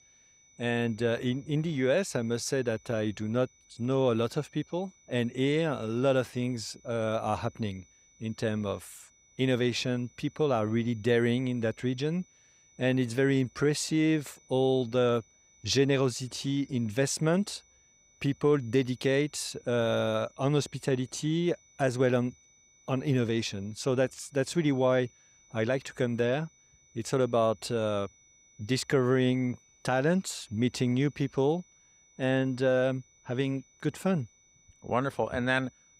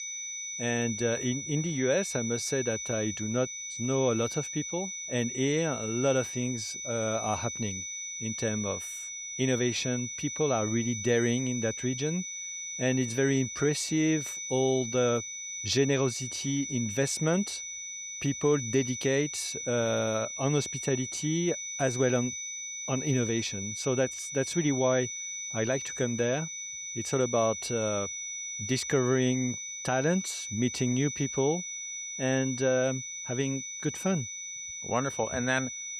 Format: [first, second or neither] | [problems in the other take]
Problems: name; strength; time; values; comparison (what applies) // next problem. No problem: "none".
first | high-pitched whine; loud; throughout; 6 kHz, 5 dB below the speech; faint in the first